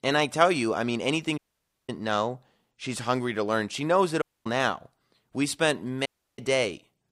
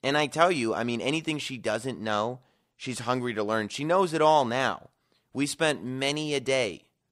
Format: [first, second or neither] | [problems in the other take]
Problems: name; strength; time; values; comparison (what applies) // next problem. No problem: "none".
second | audio cutting out; at 1.5 s for 0.5 s, at 4 s and at 6 s